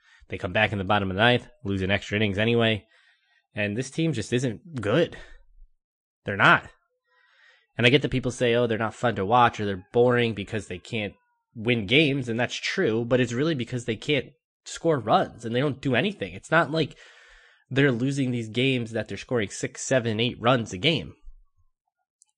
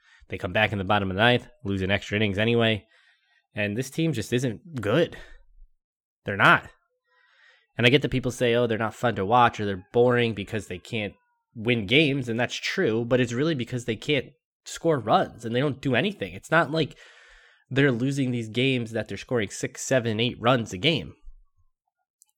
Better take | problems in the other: second | garbled, watery; slightly; nothing above 8.5 kHz

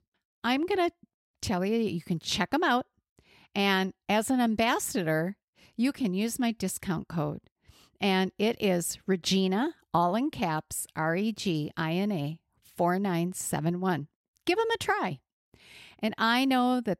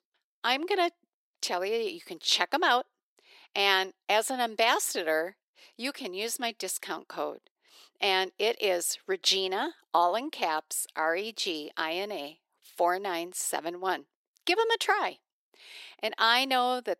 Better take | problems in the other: first | thin; very; fading below 400 Hz

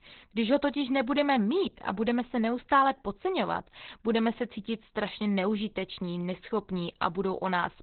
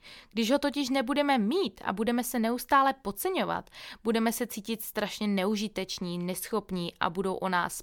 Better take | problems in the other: second | garbled, watery; badly; nothing above 4 kHz

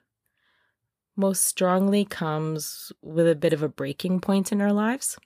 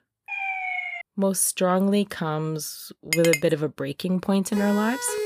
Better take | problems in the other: first | siren; noticeable; at 0.5 s and at 4.5 s; peak 3 dB below the speech // clattering dishes; noticeable; at 3 s; peak 1 dB below the speech

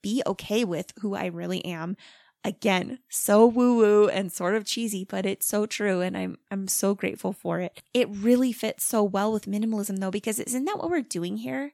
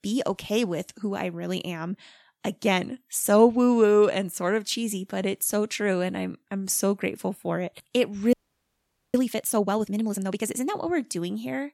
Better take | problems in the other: first | audio freezing; at 8.5 s for 1 s

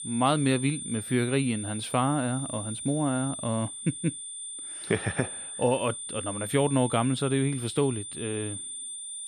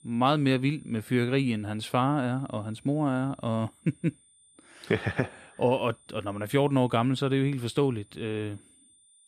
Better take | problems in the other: second | high-pitched whine; loud; throughout; 9 kHz, 7 dB below the speech; faint in the second

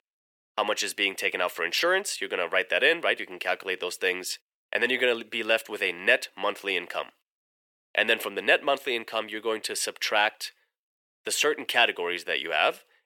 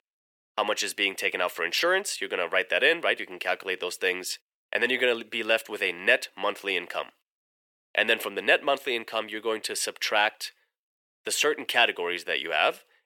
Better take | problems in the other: neither | thin; very; fading below 450 Hz; the same in both

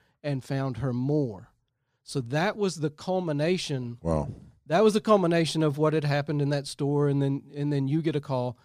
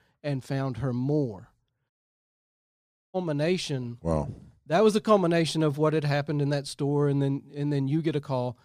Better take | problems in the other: first | audio cutting out; at 2 s for 1 s

